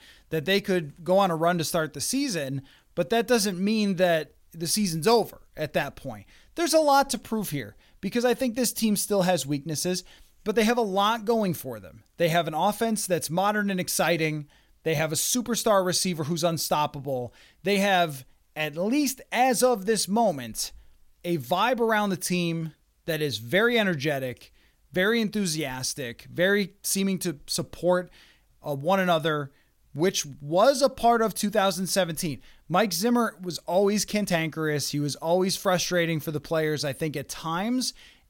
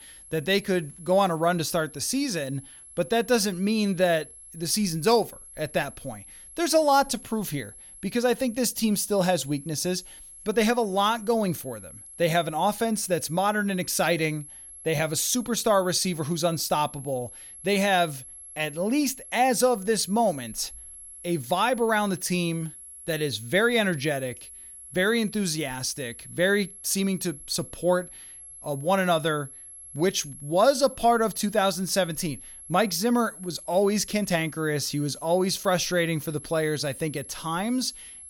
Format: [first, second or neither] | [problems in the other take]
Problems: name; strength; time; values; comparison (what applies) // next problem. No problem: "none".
first | high-pitched whine; noticeable; throughout; 11 kHz, 15 dB below the speech